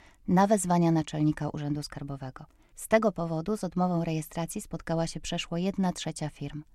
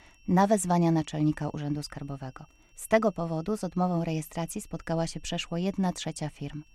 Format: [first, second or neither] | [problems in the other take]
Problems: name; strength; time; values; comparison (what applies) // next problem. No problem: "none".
first | high-pitched whine; faint; throughout; 2.5 kHz, 35 dB below the speech